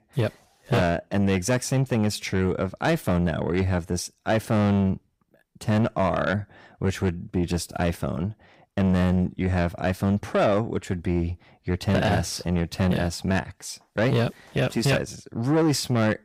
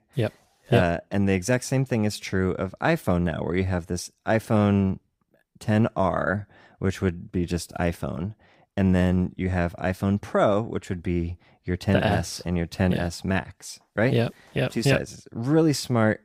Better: second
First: distortion; slight; 10 dB below the speech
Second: none

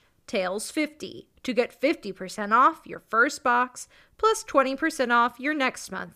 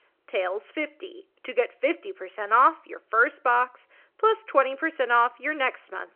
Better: first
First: none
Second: phone-call audio

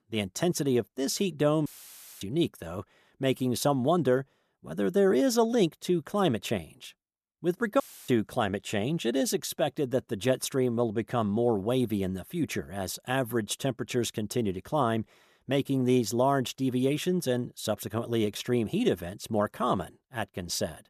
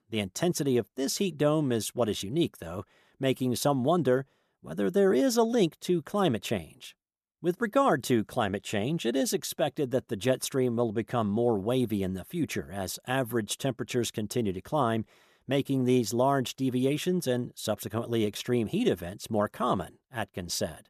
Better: second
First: audio cutting out; filled with static; at 1.5 s for 0.5 s and at 8 s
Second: none

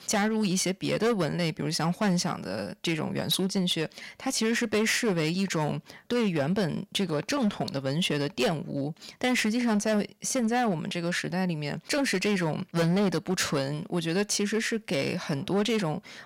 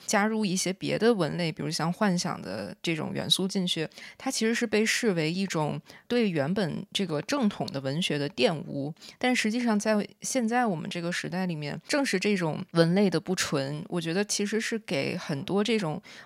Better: second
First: distortion; slight; 9% of the sound clipped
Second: none

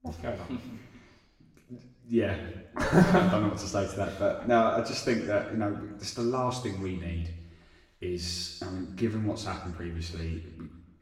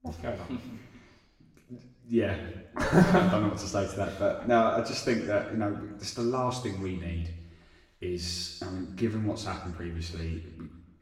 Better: neither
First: room echo; noticeable; dies away in 1 s // off-mic speech; far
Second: room echo; noticeable; dies away in 1 s // off-mic speech; far

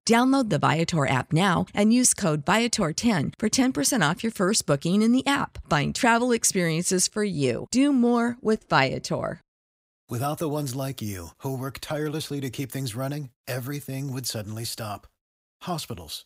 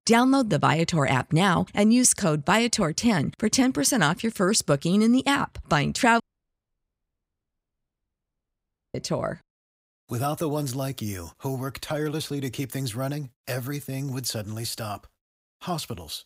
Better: first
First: none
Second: audio cutting out; at 6 s for 2.5 s

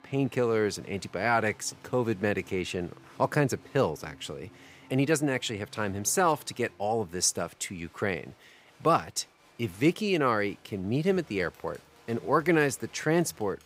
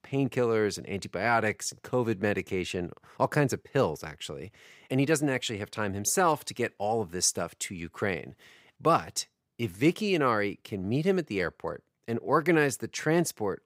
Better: second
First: crowd noise; faint; throughout; 25 dB below the speech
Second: none

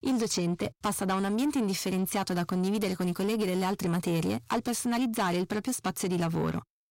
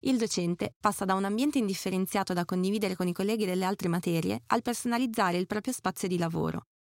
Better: second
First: distortion; slight; 10 dB below the speech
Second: none

